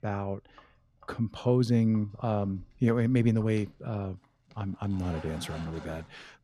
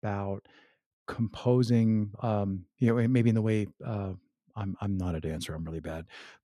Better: second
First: household noises; faint; throughout; 20 dB below the speech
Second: none

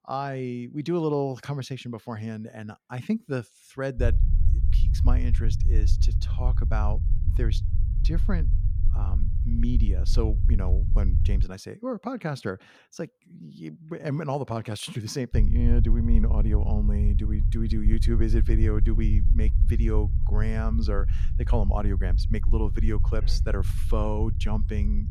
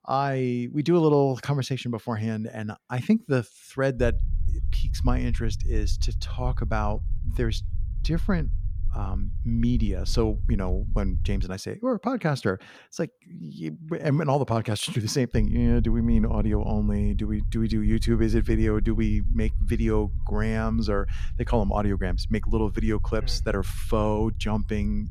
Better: second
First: low rumble; loud; from 4 to 11 s and from 15 s on; 10 dB below the speech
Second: low rumble; faint; from 4 to 11 s and from 15 s on; 20 dB below the speech

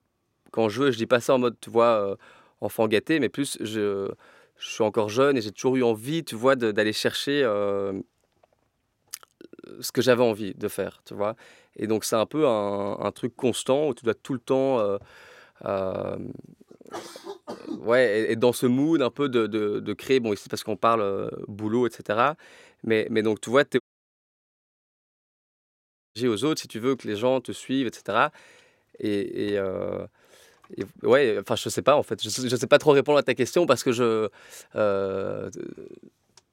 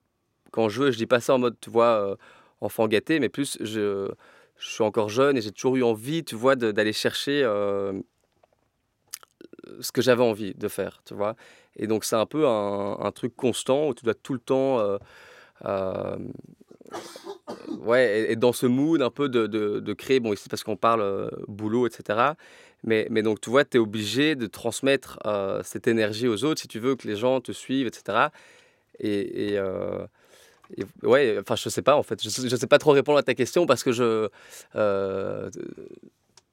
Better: second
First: audio cutting out; at 24 s for 2.5 s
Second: none

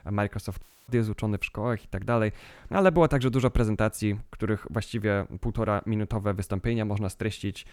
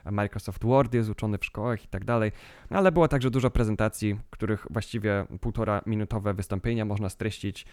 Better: second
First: audio cutting out; at 0.5 s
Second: none

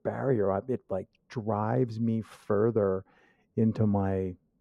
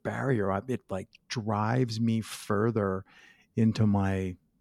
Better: second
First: muffled; very; fading above 2 kHz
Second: none

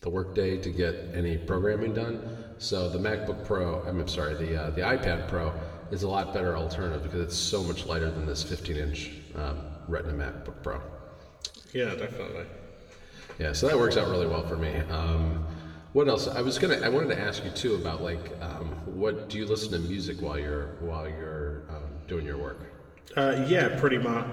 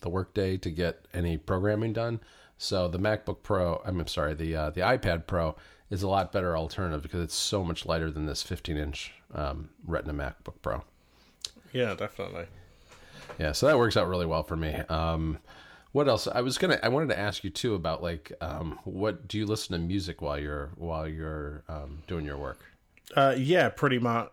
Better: second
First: room echo; slight; dies away in 2 s // off-mic speech; somewhat distant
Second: none

